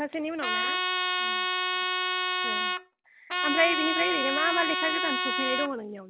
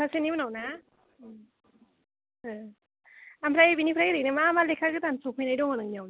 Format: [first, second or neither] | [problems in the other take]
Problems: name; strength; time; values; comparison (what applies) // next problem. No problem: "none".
second | background sound (Trumpet); 3 dB above the speech